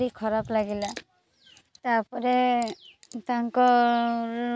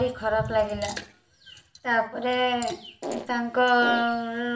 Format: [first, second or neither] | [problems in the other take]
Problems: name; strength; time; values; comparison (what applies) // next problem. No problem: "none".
first | background sound (Fart); 8 dB below the speech // room echo; dies away in 0.4 s